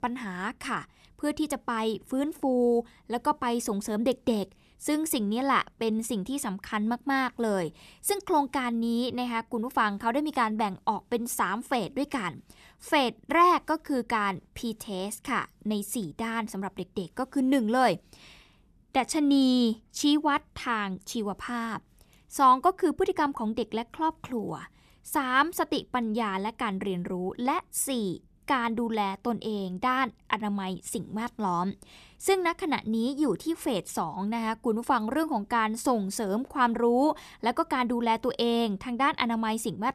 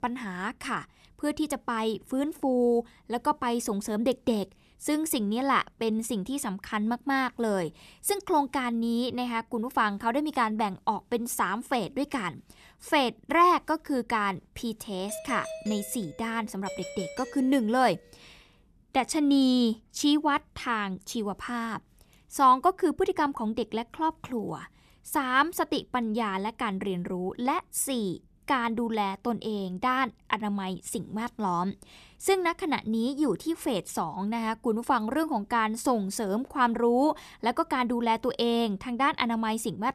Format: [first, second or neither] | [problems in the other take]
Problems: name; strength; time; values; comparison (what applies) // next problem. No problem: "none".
first | doorbell; noticeable; from 15 to 18 s; peak 10 dB below the speech